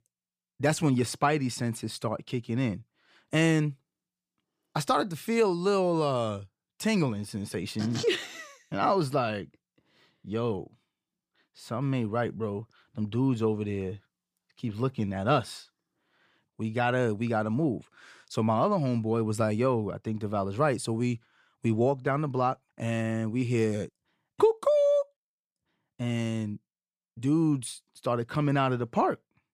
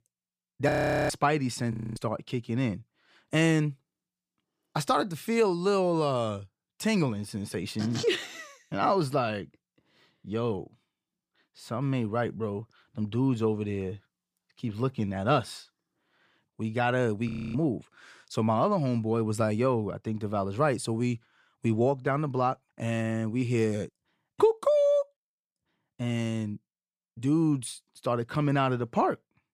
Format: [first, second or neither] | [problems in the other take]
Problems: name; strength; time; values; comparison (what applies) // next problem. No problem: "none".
first | audio freezing; at 0.5 s, at 1.5 s and at 17 s